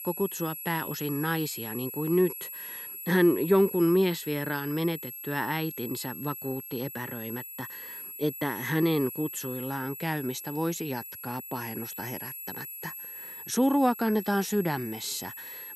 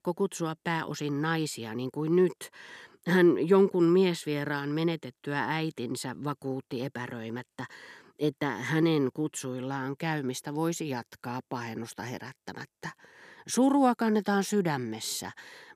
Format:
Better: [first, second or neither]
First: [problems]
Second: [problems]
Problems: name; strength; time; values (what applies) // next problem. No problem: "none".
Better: second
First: high-pitched whine; loud; throughout; 11.5 kHz, 9 dB below the speech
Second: none